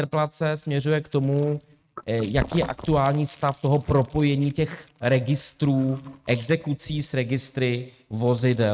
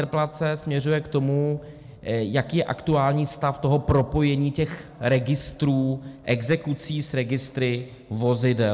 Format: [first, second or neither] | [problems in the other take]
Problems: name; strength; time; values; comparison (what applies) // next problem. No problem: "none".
second | noise reduction (neural mask model RNNoise)